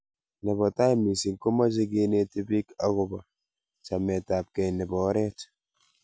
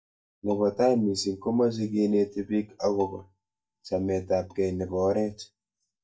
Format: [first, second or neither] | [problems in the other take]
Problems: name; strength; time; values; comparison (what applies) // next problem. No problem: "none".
first | noise reduction (neural mask model DeepFilterNet 3)